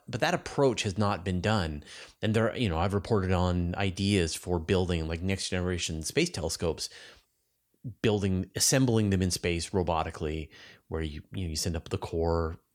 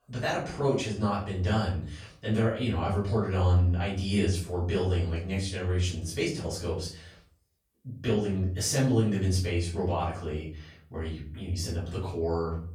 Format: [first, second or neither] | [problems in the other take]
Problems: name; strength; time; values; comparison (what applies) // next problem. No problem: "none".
first | off-mic speech; far // room echo; noticeable; dies away in 0.5 s